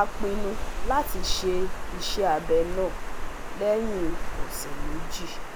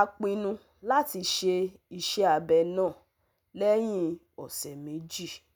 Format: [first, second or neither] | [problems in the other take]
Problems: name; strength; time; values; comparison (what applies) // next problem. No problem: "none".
second | background sound (Water); 1 dB above the speech